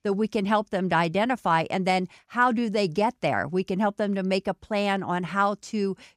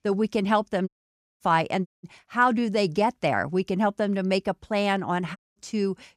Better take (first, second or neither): first